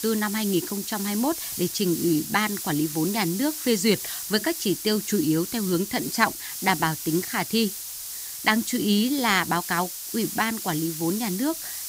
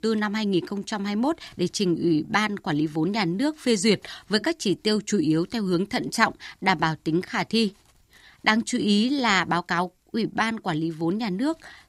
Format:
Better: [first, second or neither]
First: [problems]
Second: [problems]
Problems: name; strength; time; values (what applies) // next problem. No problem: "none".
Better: second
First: hiss; loud; throughout; 6 dB below the speech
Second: none